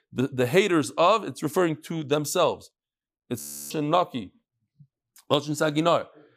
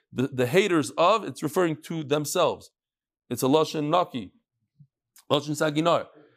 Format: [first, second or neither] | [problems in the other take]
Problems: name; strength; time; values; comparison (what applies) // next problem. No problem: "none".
second | audio freezing; at 3.5 s